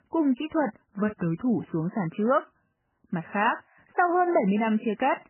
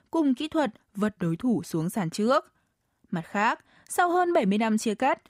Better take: second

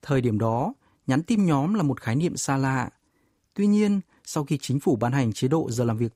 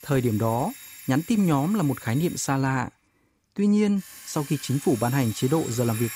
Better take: first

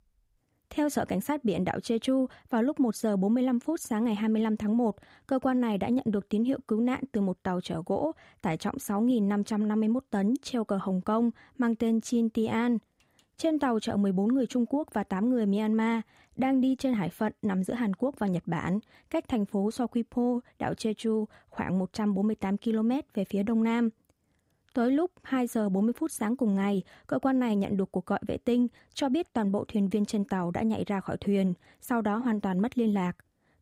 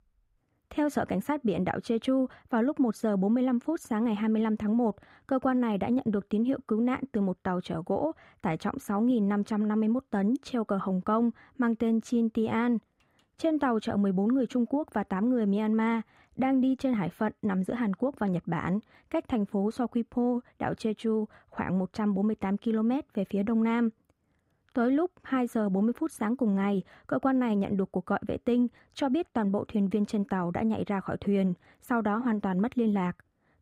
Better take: first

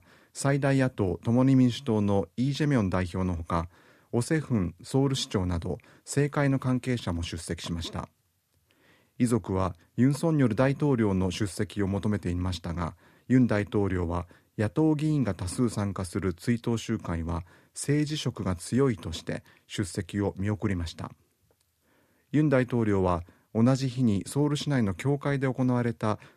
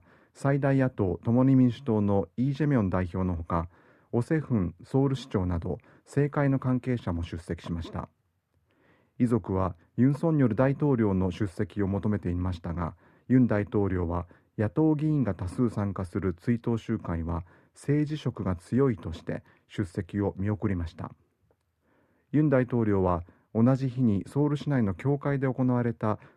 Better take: first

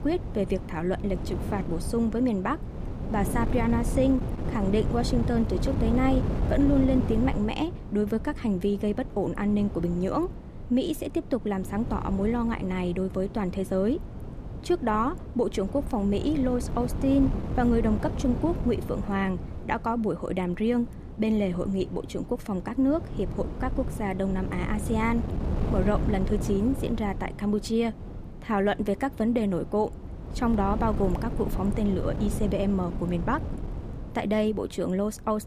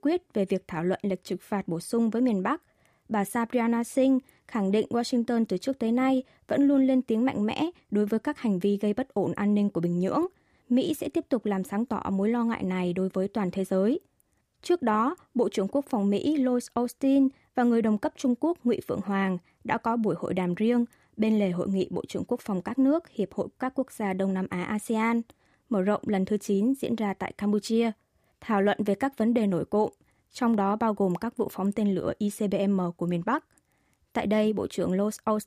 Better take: second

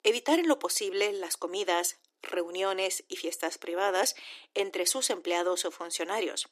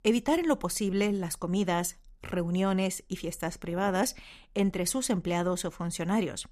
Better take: second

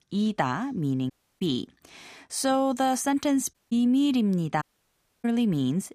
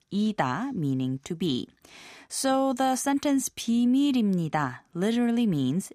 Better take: second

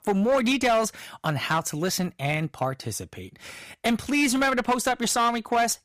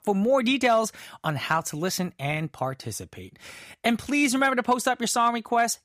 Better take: second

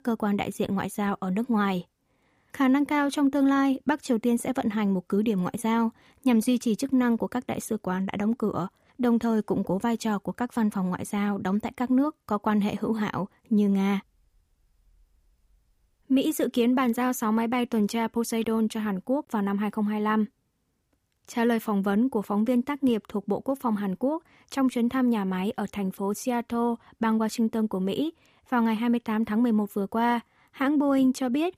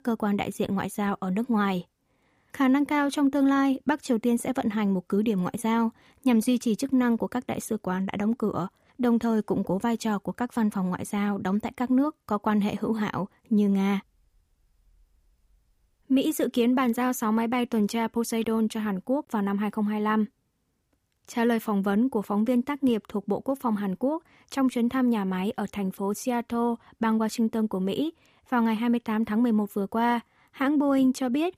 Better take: neither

